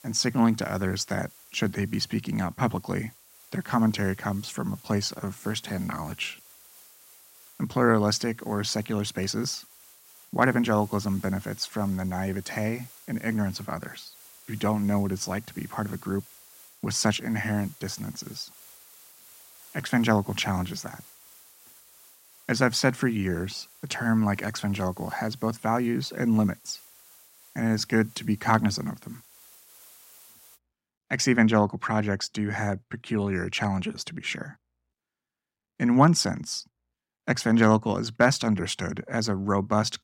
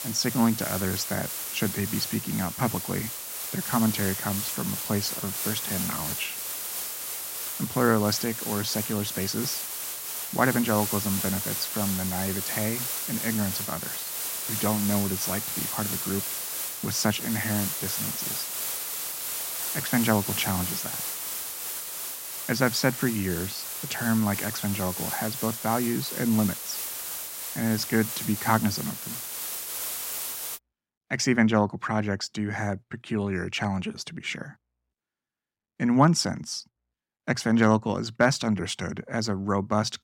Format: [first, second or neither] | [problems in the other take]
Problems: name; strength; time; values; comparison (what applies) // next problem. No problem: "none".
first | hiss; loud; until 31 s; 3 dB below the speech; faint in the first